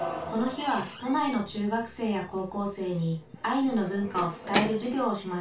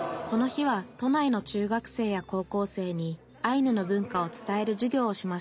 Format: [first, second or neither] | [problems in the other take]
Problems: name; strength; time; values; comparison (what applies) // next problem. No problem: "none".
second | background sound (Squeak / Slam / Wood); 11 dB below the speech // room echo; dies away in 0.2 s